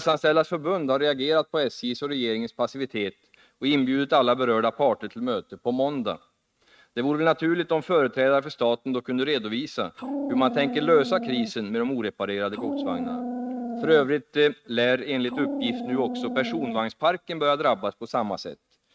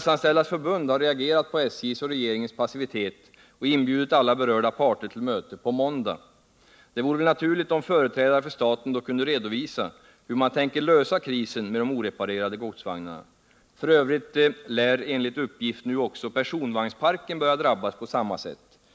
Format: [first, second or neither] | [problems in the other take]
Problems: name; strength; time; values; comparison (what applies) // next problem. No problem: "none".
second | noise reduction (neural mask model RNNoise)